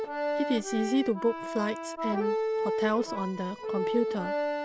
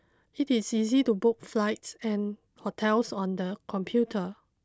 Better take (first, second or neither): second